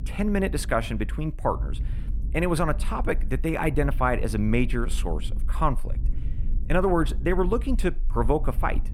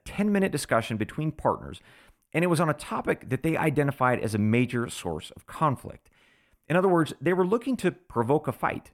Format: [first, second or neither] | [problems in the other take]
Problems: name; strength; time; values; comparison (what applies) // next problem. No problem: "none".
second | low rumble; faint; throughout; 20 dB below the speech